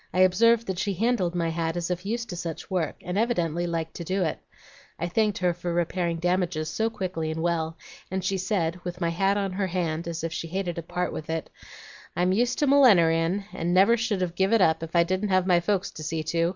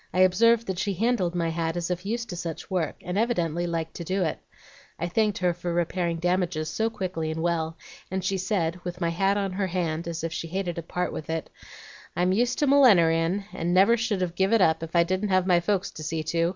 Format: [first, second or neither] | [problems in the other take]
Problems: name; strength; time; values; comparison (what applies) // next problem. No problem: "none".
second | noise reduction (neural mask model Resemble Enhance denoiser)